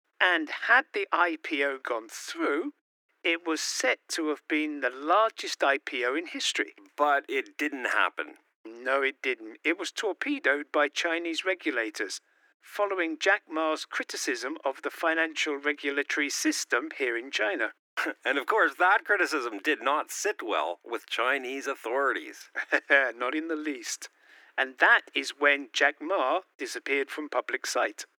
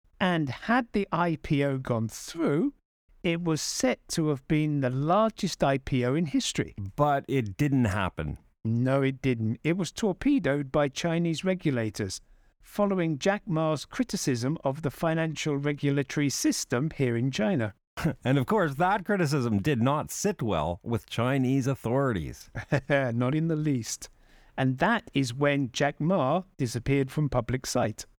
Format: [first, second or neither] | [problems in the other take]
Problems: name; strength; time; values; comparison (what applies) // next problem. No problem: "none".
second | thin; very; fading below 300 Hz